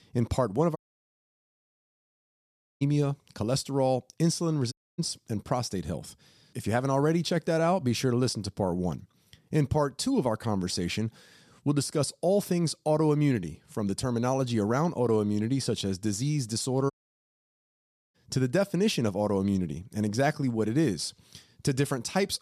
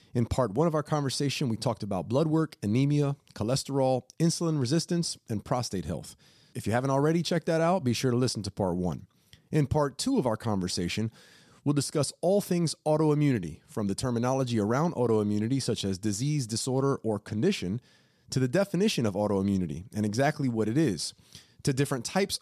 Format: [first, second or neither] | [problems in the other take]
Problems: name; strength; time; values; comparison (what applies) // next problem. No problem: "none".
second | audio cutting out; at 1 s for 2 s, at 4.5 s and at 17 s for 1 s